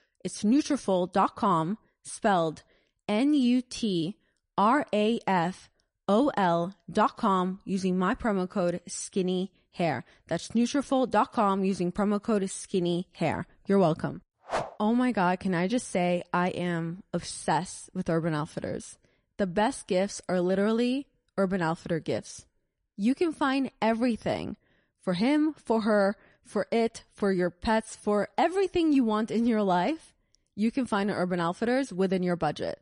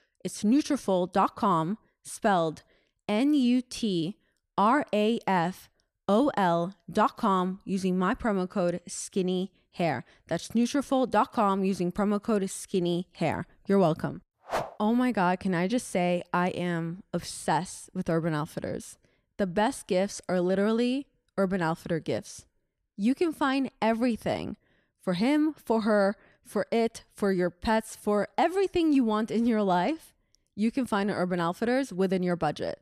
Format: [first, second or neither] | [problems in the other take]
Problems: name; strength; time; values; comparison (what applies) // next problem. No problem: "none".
second | garbled, watery; slightly; nothing above 10.5 kHz